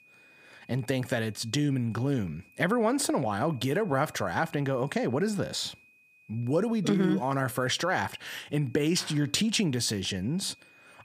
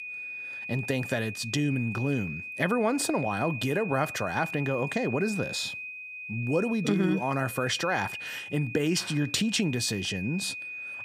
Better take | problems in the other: first | high-pitched whine; loud; throughout; 2.5 kHz, 8 dB below the speech; faint in the first

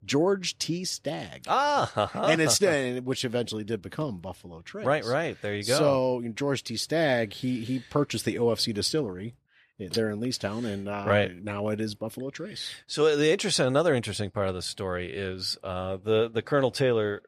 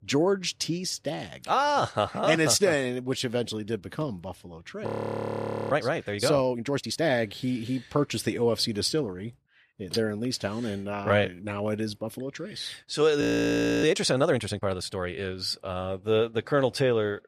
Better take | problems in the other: first | audio freezing; at 5 s for 1 s and at 13 s for 0.5 s

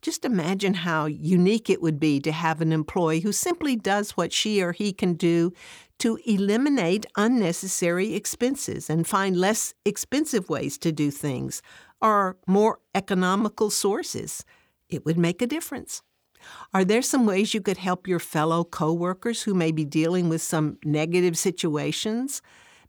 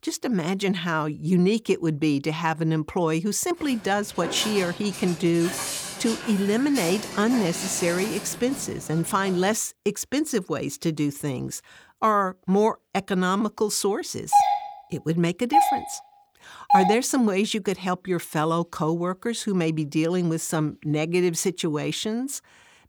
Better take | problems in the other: first | footsteps; noticeable; from 3.5 to 9.5 s; peak 3 dB below the speech // doorbell; loud; from 14 to 17 s; peak 5 dB above the speech

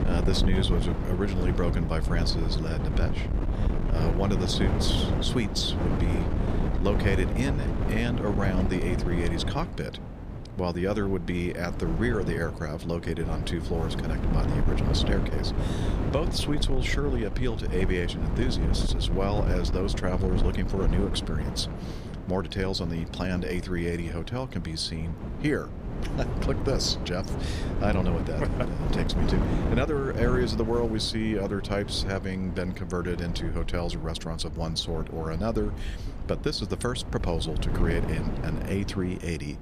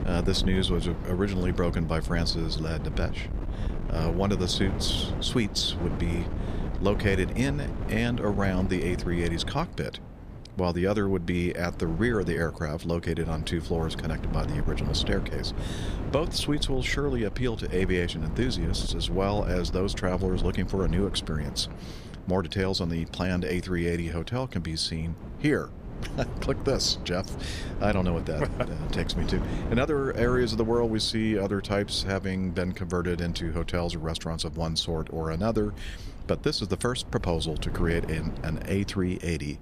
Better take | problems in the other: second | wind noise on the microphone; heavy; 6 dB below the speech; occasional gusts in the second

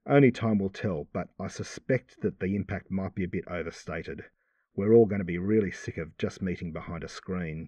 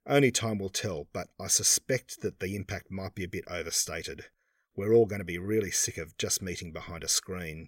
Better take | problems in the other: second | muffled; very; fading above 1.5 kHz

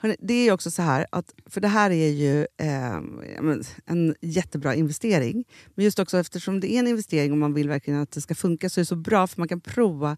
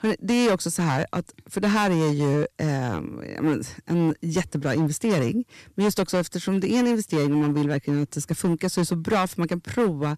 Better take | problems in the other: first | distortion; slight; 10% of the sound clipped

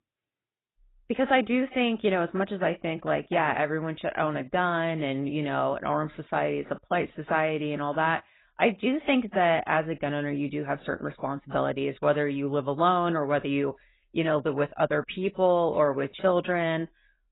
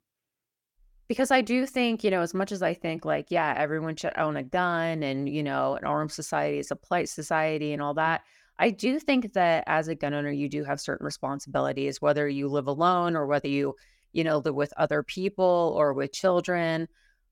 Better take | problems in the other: second | garbled, watery; badly; nothing above 3.5 kHz

